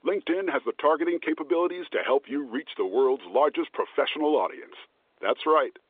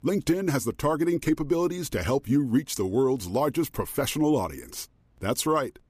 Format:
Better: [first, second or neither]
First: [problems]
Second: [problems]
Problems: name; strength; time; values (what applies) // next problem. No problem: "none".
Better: second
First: phone-call audio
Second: none